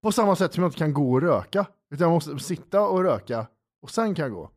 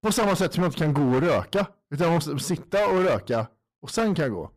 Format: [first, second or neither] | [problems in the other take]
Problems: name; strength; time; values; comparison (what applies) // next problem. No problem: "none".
first | distortion; heavy; 18% of the sound clipped